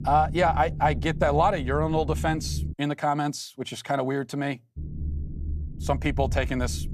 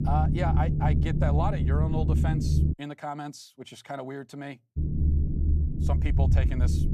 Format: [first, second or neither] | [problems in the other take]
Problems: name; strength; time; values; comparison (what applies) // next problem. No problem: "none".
first | low rumble; loud; until 2.5 s and from 5 s on; 4 dB below the speech; faint in the first